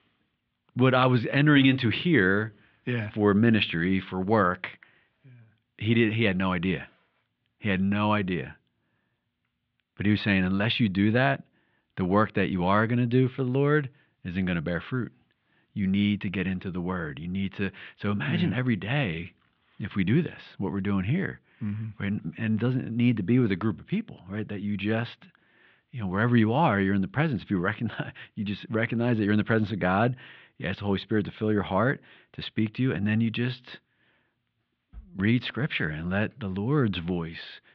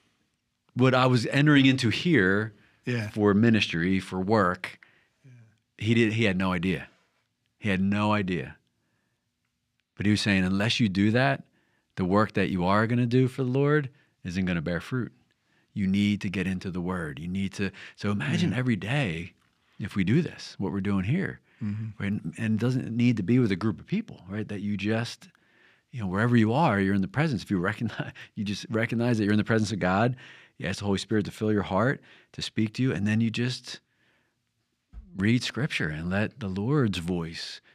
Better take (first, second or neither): second